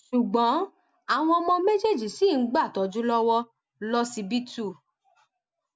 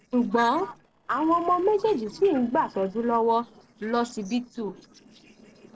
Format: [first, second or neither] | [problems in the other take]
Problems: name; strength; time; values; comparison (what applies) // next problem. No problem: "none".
first | noise reduction (neural separator model SepFormer DNS4)